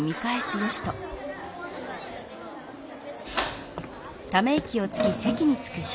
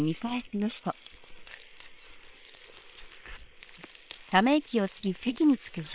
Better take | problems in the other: first | noise reduction (neural separator model SepFormer WHAM!)

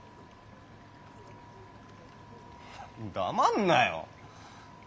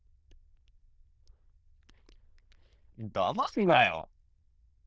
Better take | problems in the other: first | noise reduction (neural diffusion model UNIVERSE++)

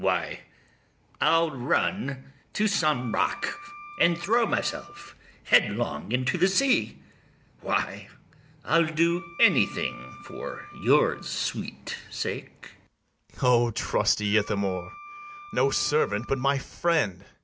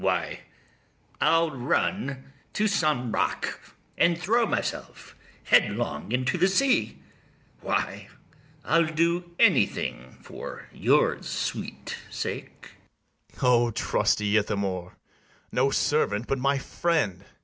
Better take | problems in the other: second | background sound (Wind instrument, woodwind instrument); 17 dB below the speech

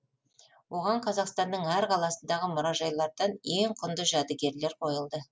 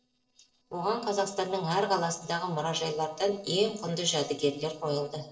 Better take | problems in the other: first | noise reduction (neural separator model SepFormer DNS4)

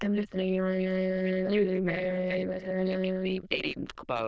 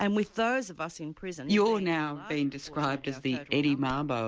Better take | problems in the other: second | noise reduction (neural diffusion model UNIVERSE++)

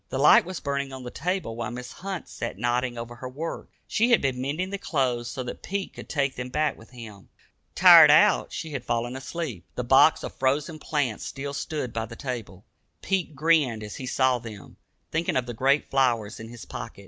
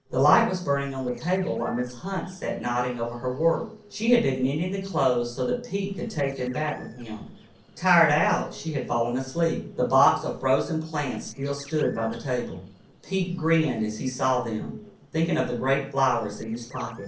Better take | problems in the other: first | noise reduction (neural separator model SepFormer DNS4)

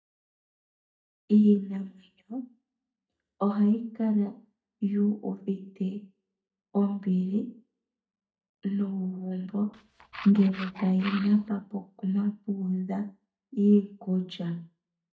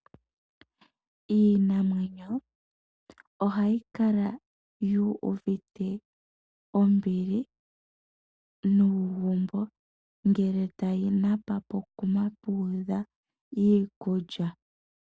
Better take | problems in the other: second | noise reduction (neural mask model DeepFilterNet 3)

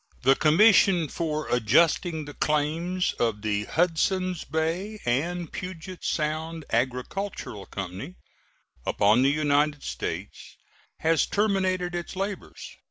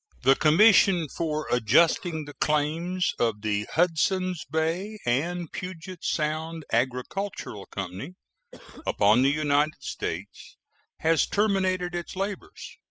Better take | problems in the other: first | noise reduction (classical method spectral subtraction)

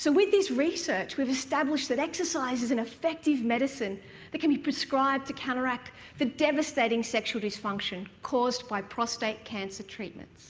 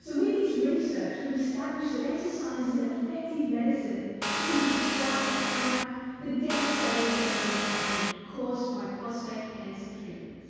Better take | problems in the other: first | background sound (Vehicle); 1 dB above the speech // room echo; dies away in 2 s

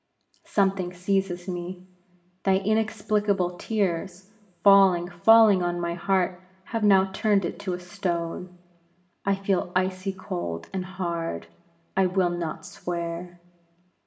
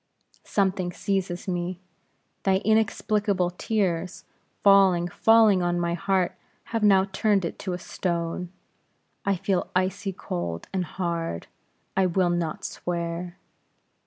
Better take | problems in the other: second | room echo; dies away in 0.7 s

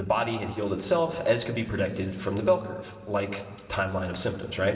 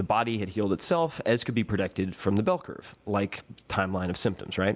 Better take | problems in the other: second | room echo; dies away in 2.2 s

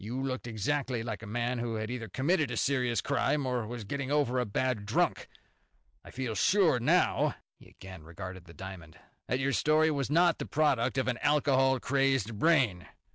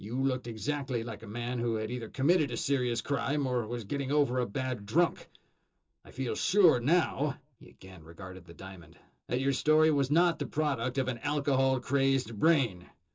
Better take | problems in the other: first | room echo; dies away in 0.2 s

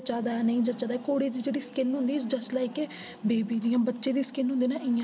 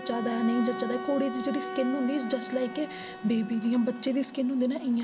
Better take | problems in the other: first | background sound (Bowed string instrument); 10 dB below the speech

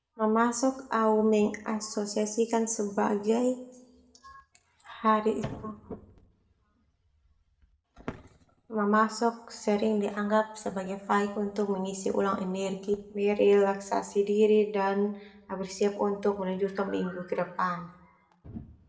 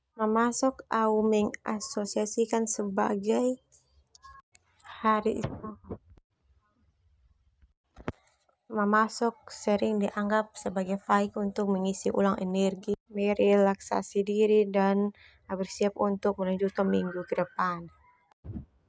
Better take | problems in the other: second | room echo; dies away in 0.6 s

